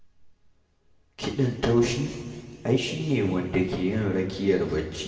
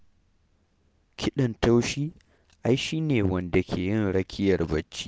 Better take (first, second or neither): second